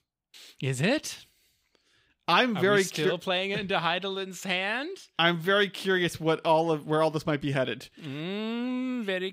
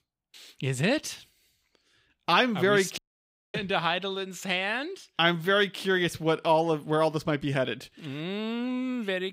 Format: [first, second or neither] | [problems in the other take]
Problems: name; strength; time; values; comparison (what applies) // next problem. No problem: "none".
first | audio cutting out; at 3 s for 0.5 s